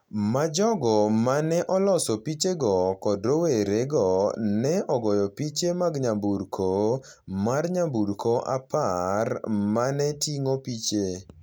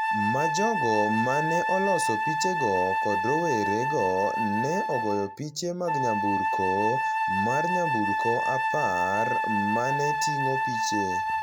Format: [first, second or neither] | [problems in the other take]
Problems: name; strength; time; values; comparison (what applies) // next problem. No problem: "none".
first | background sound (Wind instrument, woodwind instrument); 3 dB above the speech